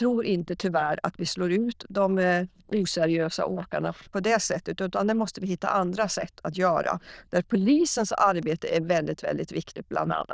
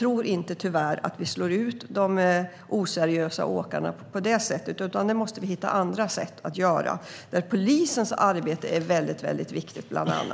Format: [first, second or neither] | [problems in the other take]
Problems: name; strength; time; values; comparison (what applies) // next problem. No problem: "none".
second | noise reduction (neural diffusion model UNIVERSE++)